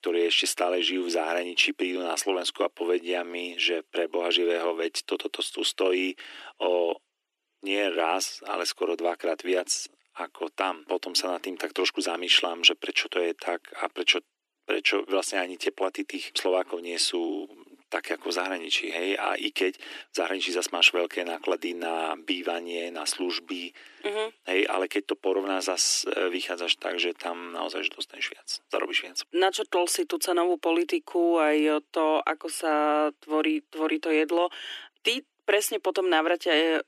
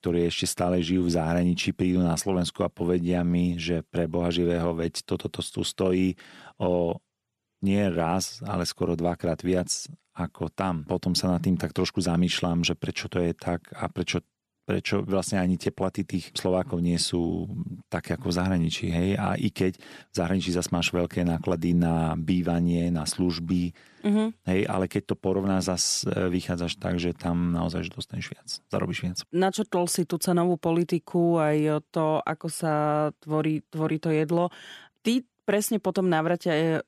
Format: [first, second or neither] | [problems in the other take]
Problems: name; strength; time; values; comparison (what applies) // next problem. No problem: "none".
second | thin; very; fading below 300 Hz